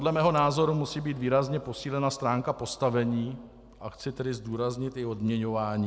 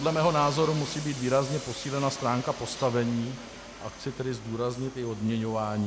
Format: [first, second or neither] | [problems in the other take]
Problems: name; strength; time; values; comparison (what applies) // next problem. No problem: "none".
first | background sound (Train); 13 dB below the speech